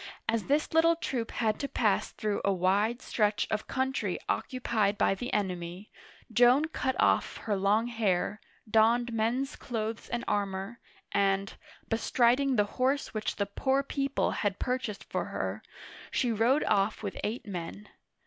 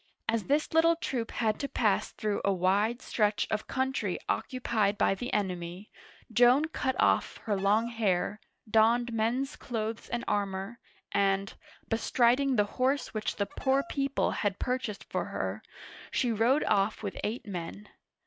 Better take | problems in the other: first | noise reduction (neural mask model RNNoise)

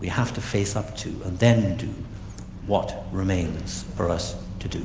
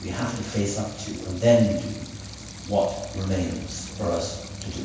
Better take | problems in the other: first | background sound (Stream); 17 dB below the speech // room echo; dies away in 0.7 s

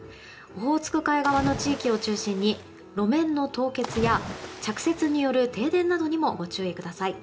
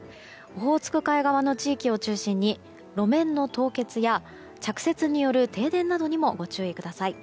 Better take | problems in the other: second | background sound (Splash, splatter); 11 dB below the speech // room echo; dies away in 0.4 s

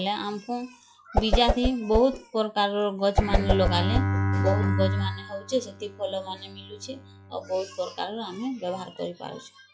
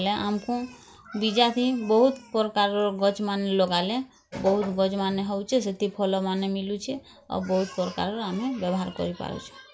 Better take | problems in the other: second | noise reduction (classical method log-MMSE)

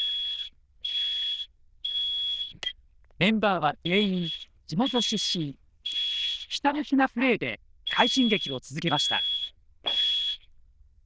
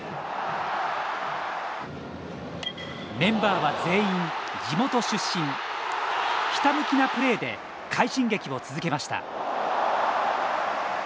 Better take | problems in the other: second | noise reduction (neural diffusion model UNIVERSE++)

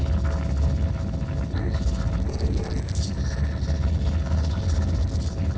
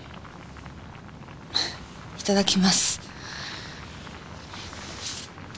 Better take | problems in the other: second | noise reduction (neural separator model SepFormer DNS4)

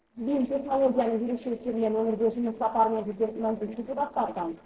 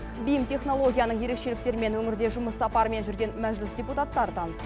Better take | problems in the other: second | noise reduction (neural separator model SepFormer DNS4)

